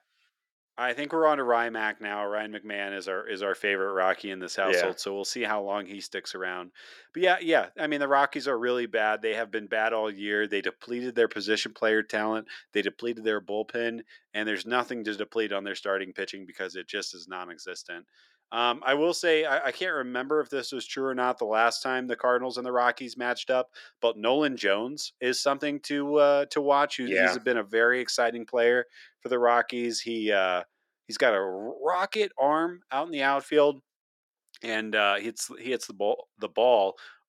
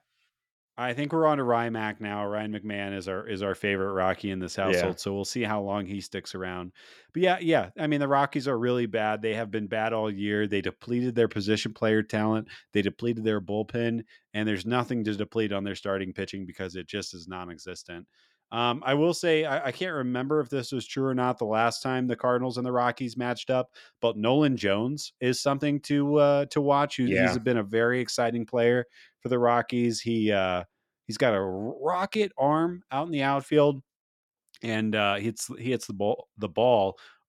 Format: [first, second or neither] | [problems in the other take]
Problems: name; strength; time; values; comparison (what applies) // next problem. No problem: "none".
second | thin; somewhat; fading below 400 Hz